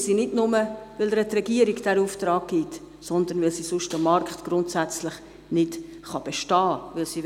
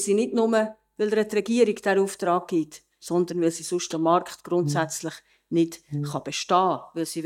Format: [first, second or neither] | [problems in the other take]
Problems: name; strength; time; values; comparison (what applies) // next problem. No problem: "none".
first | noise reduction (neural mask model DeepFilterNet 3)